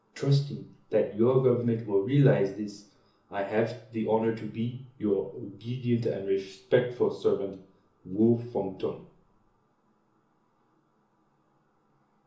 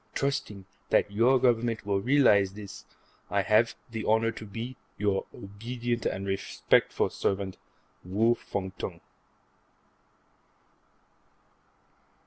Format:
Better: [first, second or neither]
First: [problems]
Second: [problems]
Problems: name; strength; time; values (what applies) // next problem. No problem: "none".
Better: second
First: room echo; dies away in 0.7 s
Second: none